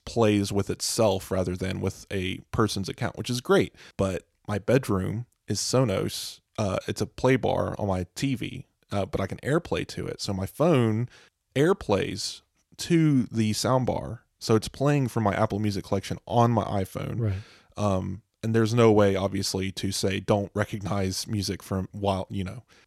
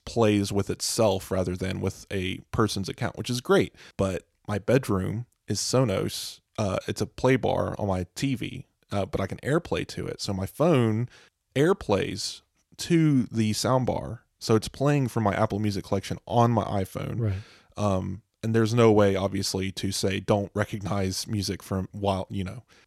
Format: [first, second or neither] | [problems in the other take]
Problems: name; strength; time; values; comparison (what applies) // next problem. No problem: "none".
neither | none